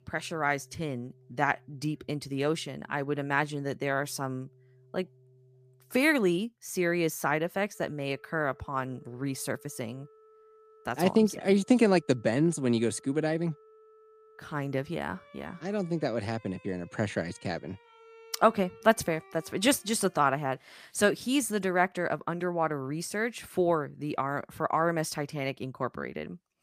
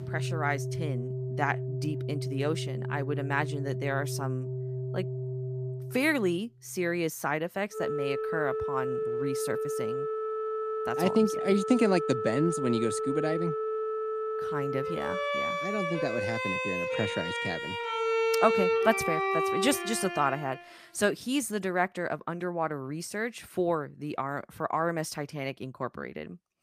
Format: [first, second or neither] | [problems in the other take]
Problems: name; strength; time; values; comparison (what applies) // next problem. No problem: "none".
first | background music; loud; until 20 s; 1 dB below the speech; faint in the first